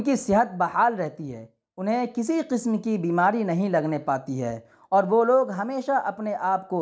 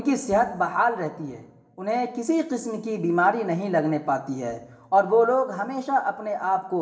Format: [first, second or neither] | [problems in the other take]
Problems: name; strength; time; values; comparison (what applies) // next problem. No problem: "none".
first | room echo; dies away in 0.8 s